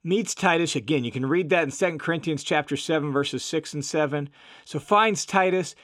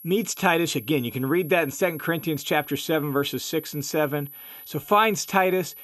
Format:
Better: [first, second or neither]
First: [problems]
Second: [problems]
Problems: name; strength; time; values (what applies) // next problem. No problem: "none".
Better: first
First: none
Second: high-pitched whine; noticeable; throughout; 12 kHz, 15 dB below the speech